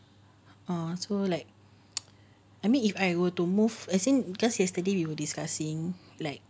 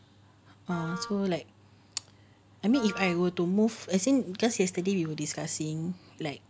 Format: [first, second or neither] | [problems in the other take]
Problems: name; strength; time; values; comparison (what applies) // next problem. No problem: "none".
first | background sound (Wind instrument, woodwind instrument); 13 dB below the speech